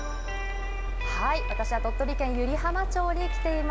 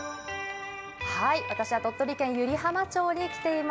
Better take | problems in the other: second | background sound (Mechanisms); 1 dB above the speech

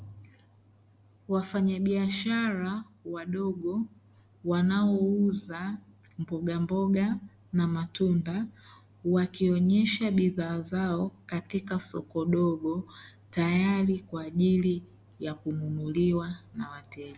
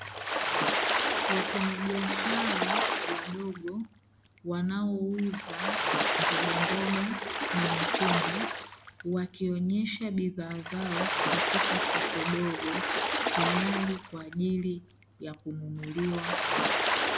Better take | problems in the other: first | background sound (Water / Splash, splatter); 2 dB above the speech

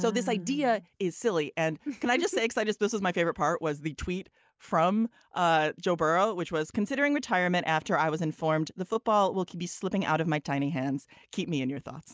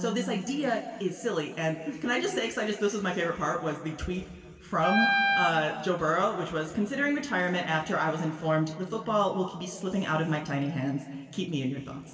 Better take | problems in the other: first | background sound (Wind instrument, woodwind instrument); 2 dB above the speech // room echo; dies away in 2.2 s

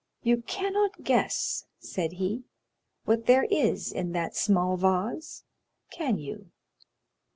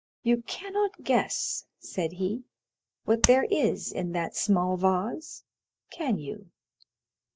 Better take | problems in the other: first | noise reduction (neural mask model DeepFilterNet 3)

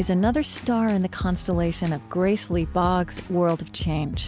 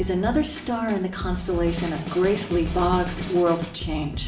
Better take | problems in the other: first | background sound (Snare drum); 13 dB below the speech // room echo; dies away in 0.6 s

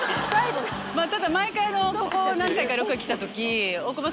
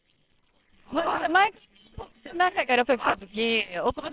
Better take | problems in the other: first | noise reduction (neural separator model SepFormer WHAMR!)

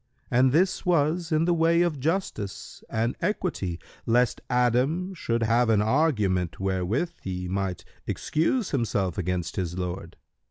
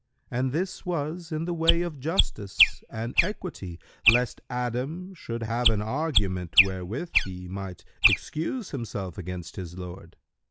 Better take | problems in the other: first | background sound (Chirp, tweet); 4 dB above the speech

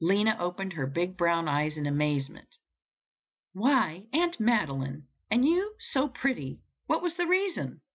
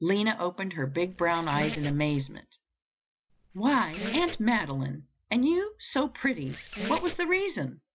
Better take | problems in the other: first | background sound (Squeak); 10 dB below the speech

